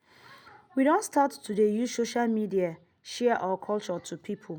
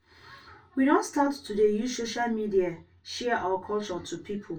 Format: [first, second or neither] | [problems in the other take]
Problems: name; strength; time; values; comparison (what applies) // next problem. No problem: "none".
first | room echo; dies away in 0.1 s